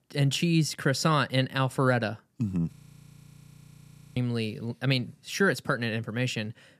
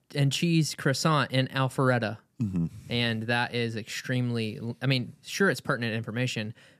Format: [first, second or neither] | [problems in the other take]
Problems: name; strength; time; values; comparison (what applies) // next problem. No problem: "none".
second | audio freezing; at 2.5 s for 1.5 s